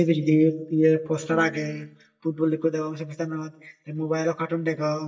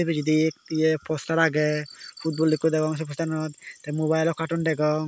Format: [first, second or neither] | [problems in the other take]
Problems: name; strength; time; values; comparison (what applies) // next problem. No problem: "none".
second | noise reduction (neural mask model DeepFilterNet 3)